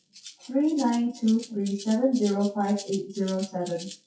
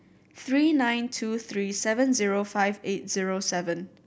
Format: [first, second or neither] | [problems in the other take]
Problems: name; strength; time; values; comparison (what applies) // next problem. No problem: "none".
second | noise reduction (classical method WPE with log-MMSE)